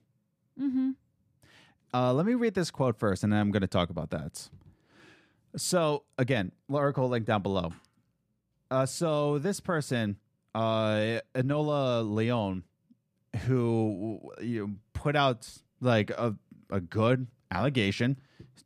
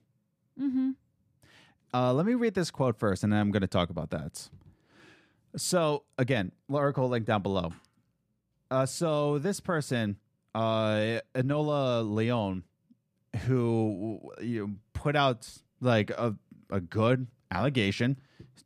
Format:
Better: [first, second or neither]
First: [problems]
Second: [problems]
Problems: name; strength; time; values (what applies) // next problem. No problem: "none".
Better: neither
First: none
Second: none